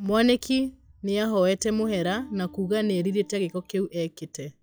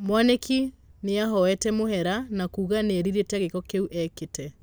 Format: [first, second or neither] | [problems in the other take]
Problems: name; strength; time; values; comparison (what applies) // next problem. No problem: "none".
second | noise reduction (classical method log-MMSE)